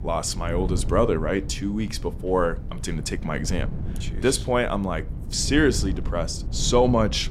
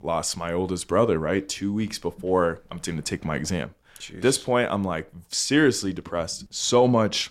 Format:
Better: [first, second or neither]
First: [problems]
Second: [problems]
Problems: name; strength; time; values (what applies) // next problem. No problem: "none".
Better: second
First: wind noise on the microphone; occasional gusts; 20 dB below the speech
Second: none